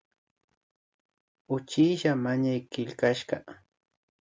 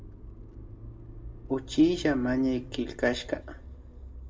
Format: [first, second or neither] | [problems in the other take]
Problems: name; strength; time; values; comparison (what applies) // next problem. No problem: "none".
first | background sound (Motor vehicle (road)); 13 dB below the speech // room echo; dies away in 0.3 s